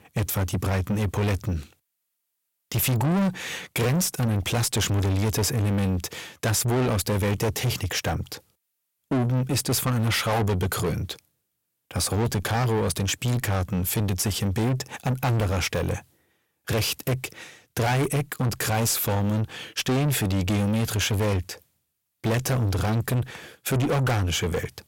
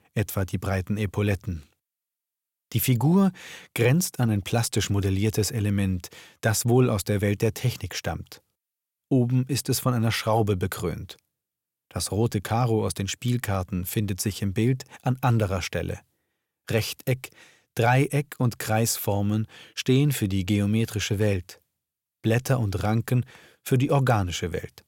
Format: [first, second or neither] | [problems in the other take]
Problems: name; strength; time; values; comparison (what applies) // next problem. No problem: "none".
second | distortion; heavy; 6 dB below the speech